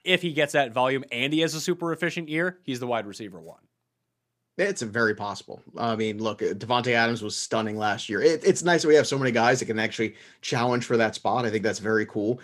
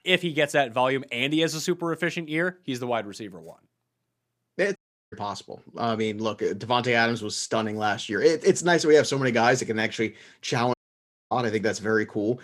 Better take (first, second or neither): first